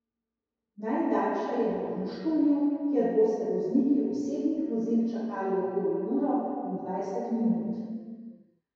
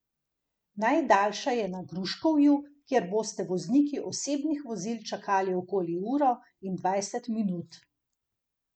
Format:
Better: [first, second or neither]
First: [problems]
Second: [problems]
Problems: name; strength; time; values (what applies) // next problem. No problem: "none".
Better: second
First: room echo; dies away in 2.2 s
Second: none